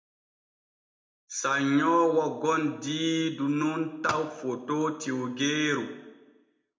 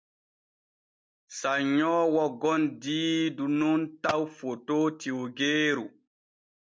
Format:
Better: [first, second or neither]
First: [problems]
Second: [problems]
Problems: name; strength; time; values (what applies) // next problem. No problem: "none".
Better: second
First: room echo; dies away in 0.6 s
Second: none